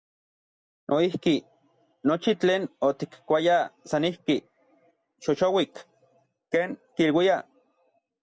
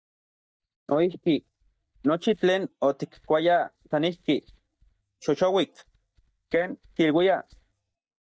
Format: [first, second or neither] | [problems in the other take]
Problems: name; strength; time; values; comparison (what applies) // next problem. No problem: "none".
first | noise reduction (neural mask model DeepFilterNet 3)